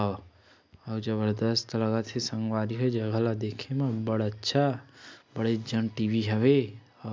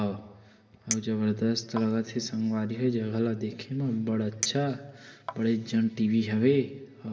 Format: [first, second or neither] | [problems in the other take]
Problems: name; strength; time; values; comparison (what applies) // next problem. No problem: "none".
first | background sound (Chink, clink); 13 dB below the speech // room echo; dies away in 1.8 s